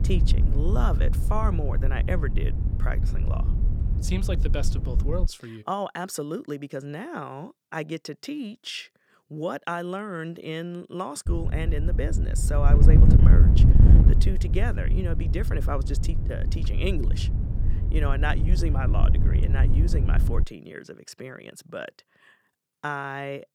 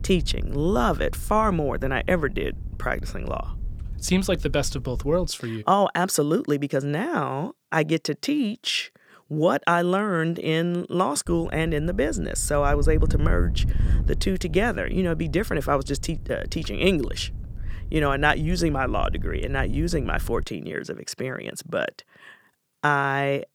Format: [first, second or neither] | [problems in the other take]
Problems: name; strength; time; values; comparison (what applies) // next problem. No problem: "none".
second | wind noise on the microphone; heavy; until 5.5 s and from 11 to 20 s; 5 dB below the speech; occasional gusts in the second